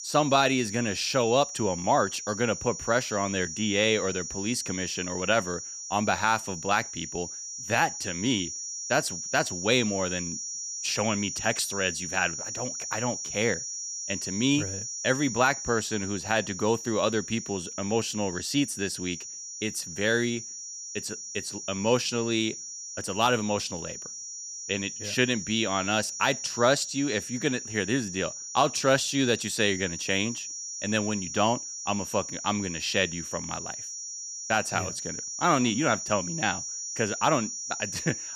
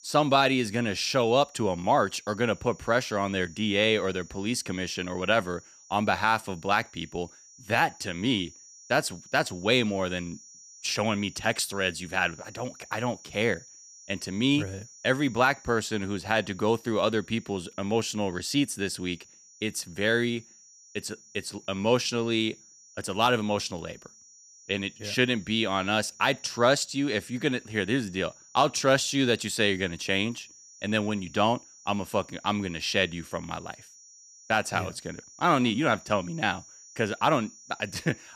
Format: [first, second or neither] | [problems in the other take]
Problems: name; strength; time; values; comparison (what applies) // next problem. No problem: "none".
second | high-pitched whine; loud; throughout; 5.5 kHz, 7 dB below the speech; faint in the second